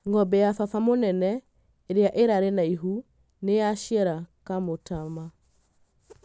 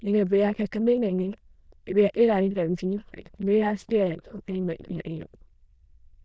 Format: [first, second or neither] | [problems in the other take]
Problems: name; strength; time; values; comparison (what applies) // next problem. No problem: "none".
first | noise reduction (neural diffusion model UNIVERSE++)